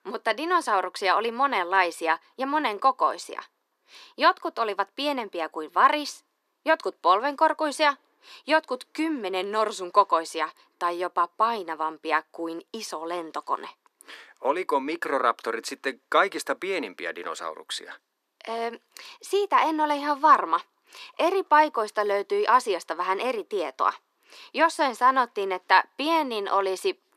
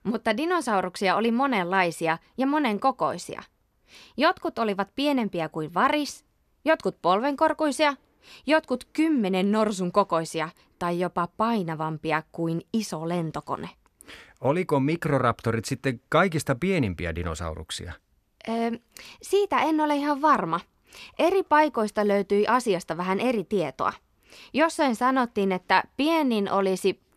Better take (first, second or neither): second